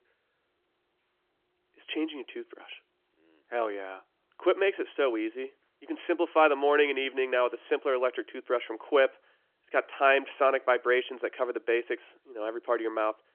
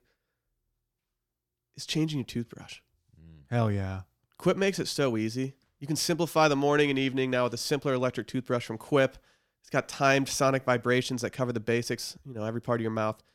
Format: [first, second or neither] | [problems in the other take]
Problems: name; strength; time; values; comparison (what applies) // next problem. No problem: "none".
second | phone-call audio; nothing above 3.5 kHz